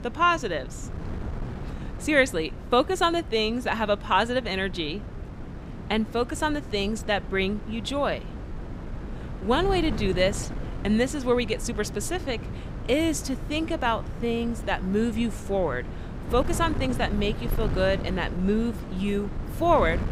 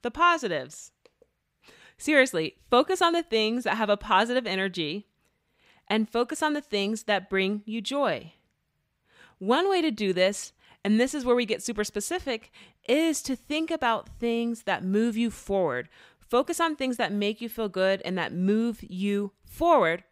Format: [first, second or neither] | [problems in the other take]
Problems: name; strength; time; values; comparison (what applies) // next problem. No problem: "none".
second | wind noise on the microphone; occasional gusts; 15 dB below the speech